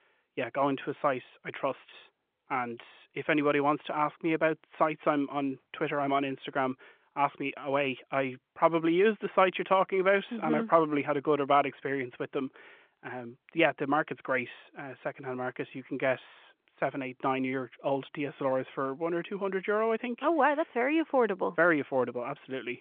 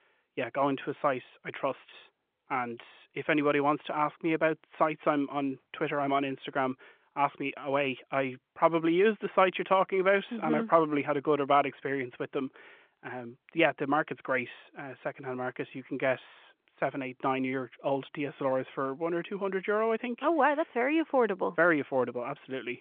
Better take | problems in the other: neither | phone-call audio; the same in both

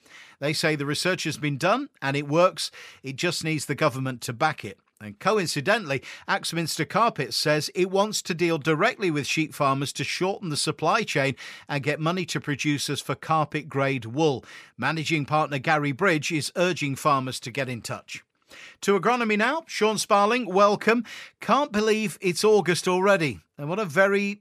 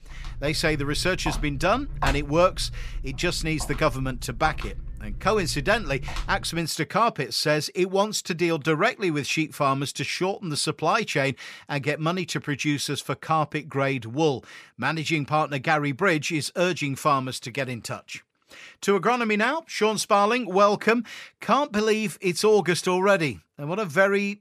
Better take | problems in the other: first | footsteps; noticeable; until 6.5 s; peak 5 dB below the speech

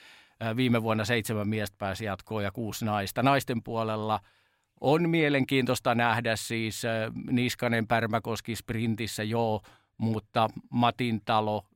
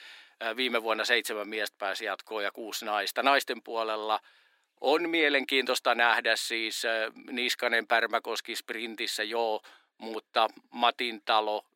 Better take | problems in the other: first | thin; very; fading below 300 Hz

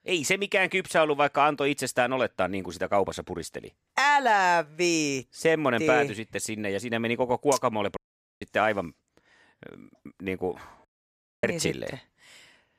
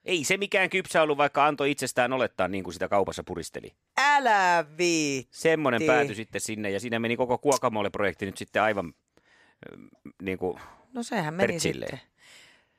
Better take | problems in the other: second | audio cutting out; at 8 s and at 11 s for 0.5 s

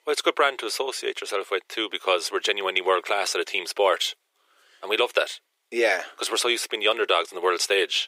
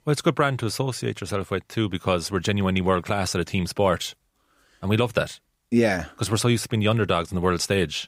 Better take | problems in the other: second | thin; very; fading below 400 Hz

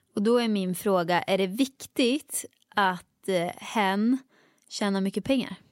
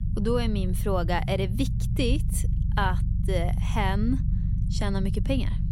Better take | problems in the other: first | low rumble; noticeable; throughout; 10 dB below the speech

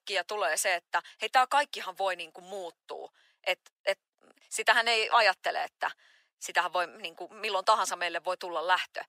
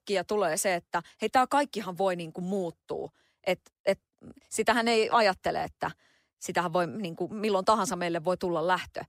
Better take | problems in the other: second | thin; very; fading below 750 Hz

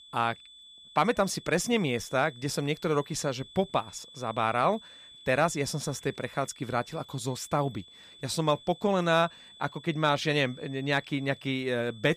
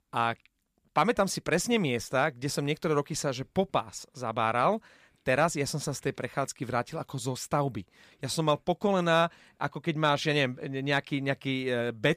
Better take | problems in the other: second | high-pitched whine; noticeable; throughout; 3.5 kHz, 20 dB below the speech

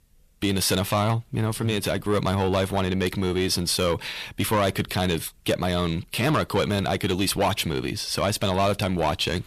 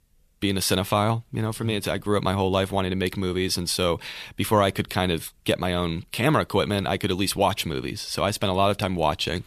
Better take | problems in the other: second | distortion; slight; 10 dB below the speech

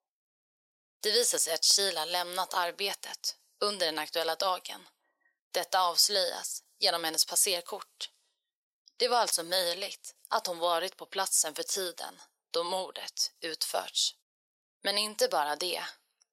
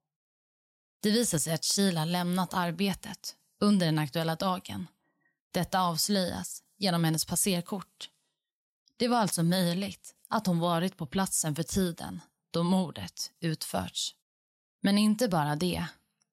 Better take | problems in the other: second | thin; very; fading below 450 Hz

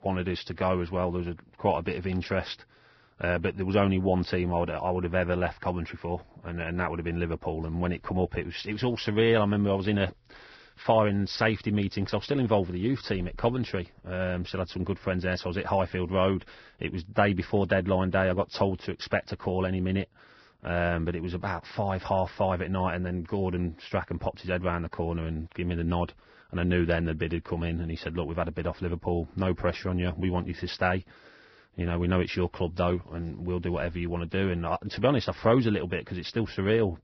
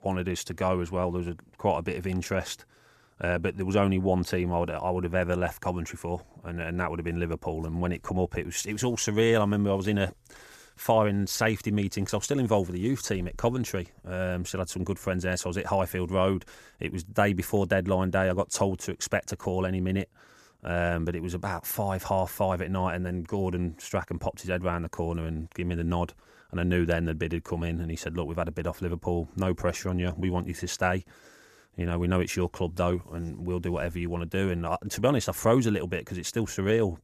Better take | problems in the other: second | garbled, watery; badly; nothing above 5.5 kHz

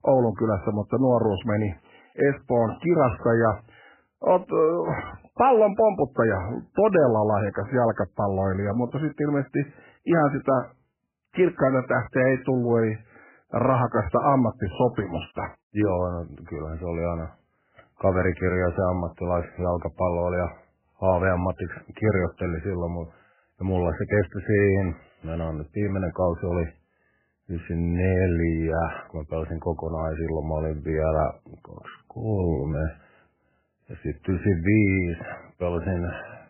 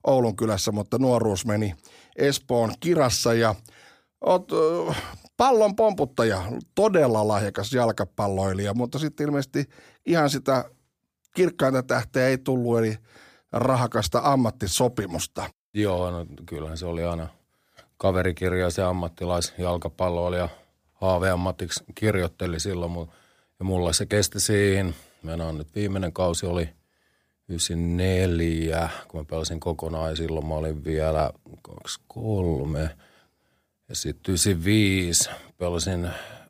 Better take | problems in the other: second | garbled, watery; badly; nothing above 3 kHz

